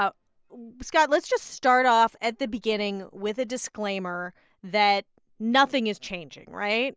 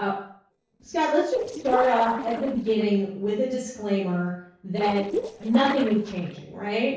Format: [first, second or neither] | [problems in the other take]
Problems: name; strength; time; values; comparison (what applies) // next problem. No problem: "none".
first | noise reduction (neural separator model SepFormer DNS4)